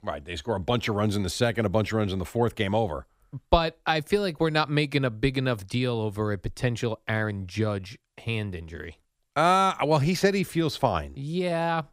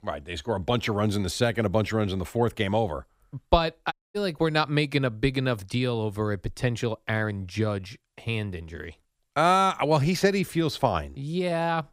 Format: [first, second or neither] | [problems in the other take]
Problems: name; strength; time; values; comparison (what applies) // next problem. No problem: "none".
first | audio cutting out; at 4 s